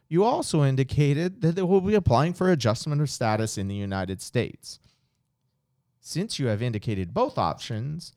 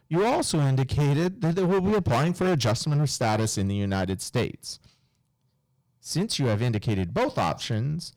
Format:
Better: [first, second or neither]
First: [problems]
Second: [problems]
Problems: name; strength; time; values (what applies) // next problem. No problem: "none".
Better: first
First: none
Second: distortion; heavy; 16% of the sound clipped